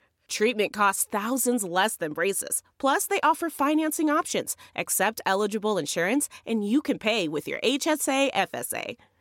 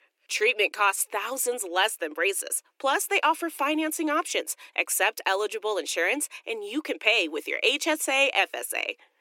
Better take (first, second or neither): first